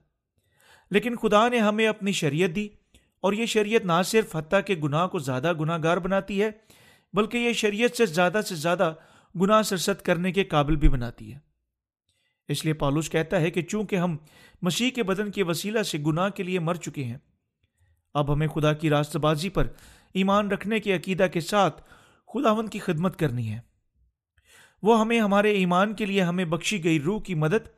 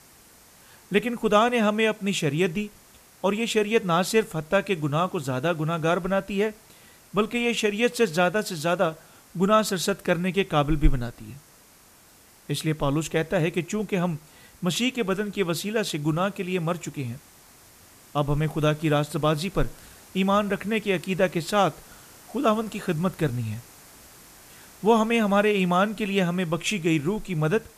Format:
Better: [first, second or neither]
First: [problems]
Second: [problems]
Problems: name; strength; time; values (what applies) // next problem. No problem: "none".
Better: first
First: none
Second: hiss; faint; throughout; 25 dB below the speech